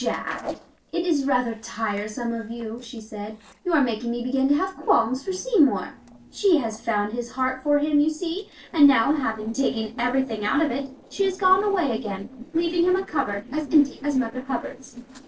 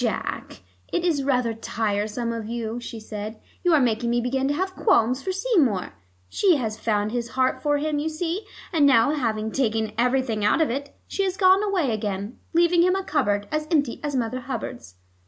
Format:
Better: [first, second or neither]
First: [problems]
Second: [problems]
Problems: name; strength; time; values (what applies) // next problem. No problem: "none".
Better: second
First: noise reduction (neural separator model SepFormer DNS4)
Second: none